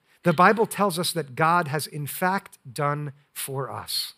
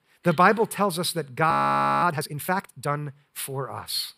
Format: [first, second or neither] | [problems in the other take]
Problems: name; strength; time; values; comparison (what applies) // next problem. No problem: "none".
first | audio freezing; at 1.5 s for 0.5 s